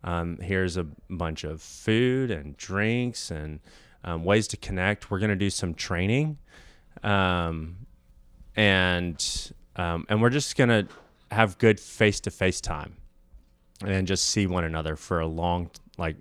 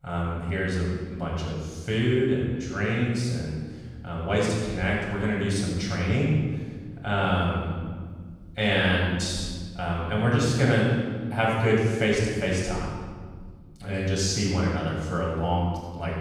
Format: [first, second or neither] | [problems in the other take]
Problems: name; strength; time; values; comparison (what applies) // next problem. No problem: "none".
first | off-mic speech; far // room echo; strong; dies away in 1.6 s